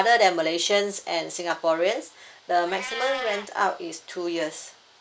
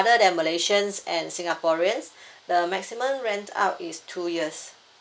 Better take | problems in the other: second | background sound (Meow); 16 dB below the speech

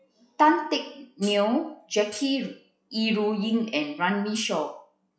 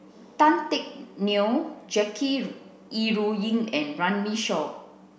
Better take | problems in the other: second | noise reduction (classical method log-MMSE)

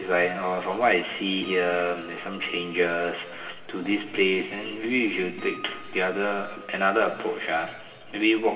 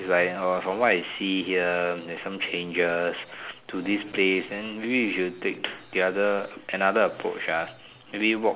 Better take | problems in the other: second | background sound (Acoustic guitar); 20 dB below the speech // room echo; dies away in 2.3 s

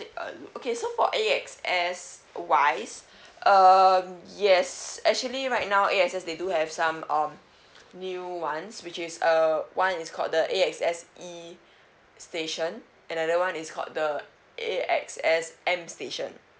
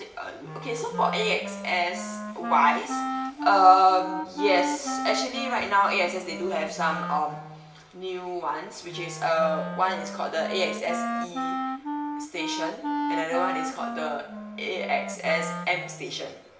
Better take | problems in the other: first | background sound (Wind instrument, woodwind instrument); 7 dB below the speech // room echo; dies away in 0.8 s

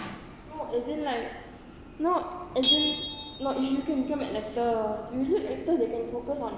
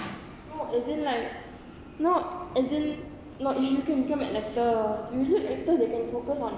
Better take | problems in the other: second | background sound (Bell); 6 dB below the speech

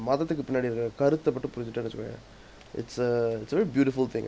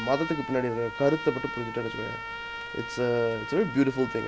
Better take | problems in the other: first | background sound (Trumpet); 9 dB below the speech

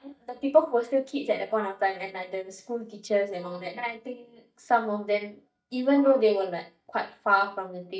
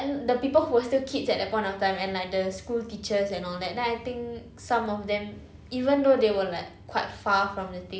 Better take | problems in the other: second | noise reduction (neural mask model DeepFilterNet 3)

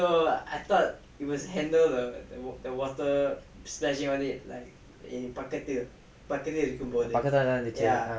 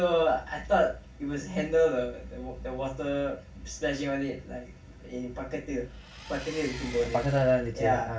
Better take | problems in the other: first | background sound (Engine); 16 dB below the speech // room echo; dies away in 0.4 s

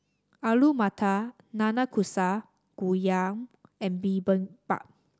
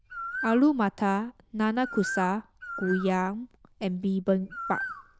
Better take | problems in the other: first | noise reduction (neural diffusion model UNIVERSE++)

